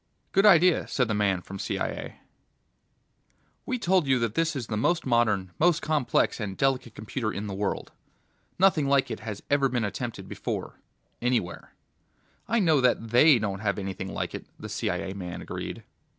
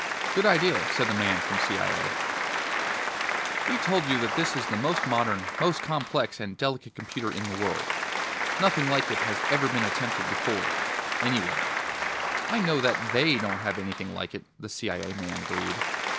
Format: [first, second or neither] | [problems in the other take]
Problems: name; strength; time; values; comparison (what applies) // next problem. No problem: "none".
first | background sound (Applause); as loud as the speech